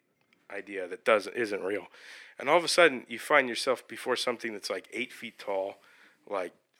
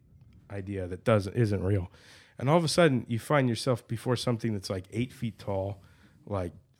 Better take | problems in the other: second | thin; very; fading below 350 Hz

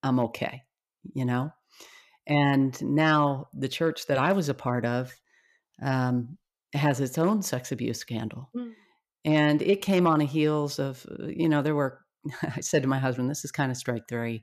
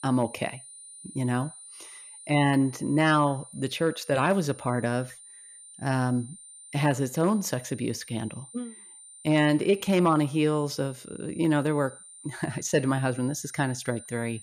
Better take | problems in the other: first | high-pitched whine; noticeable; throughout; 9 kHz, 20 dB below the speech

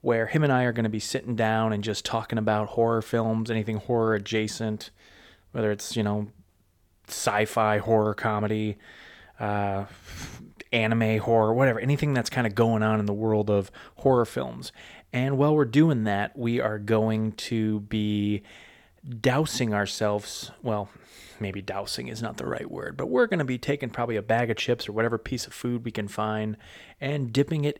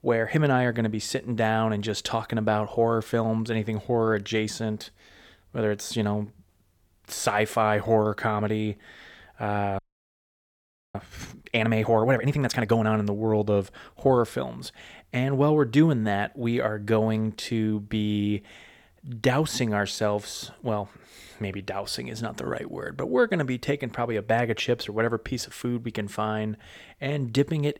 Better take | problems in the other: first | audio freezing; at 10 s for 1 s

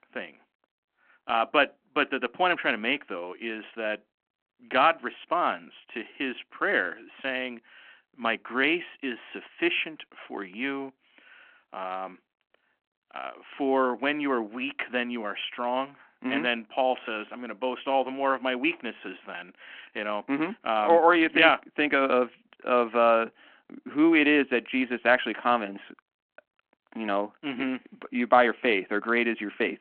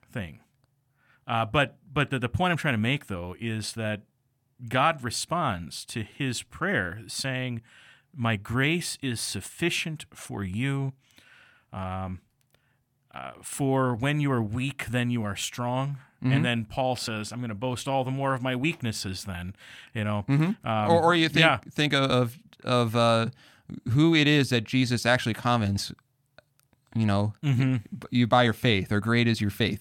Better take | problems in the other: second | phone-call audio

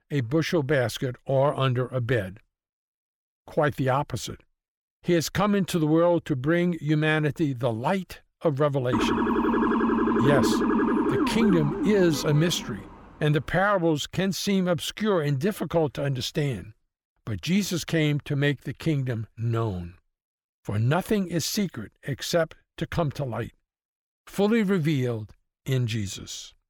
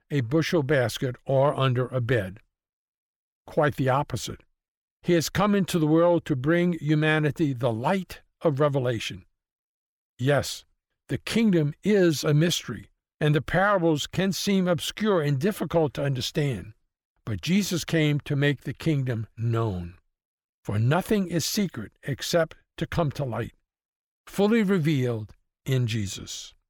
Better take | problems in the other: second | siren; loud; from 9 to 13 s; peak 3 dB above the speech

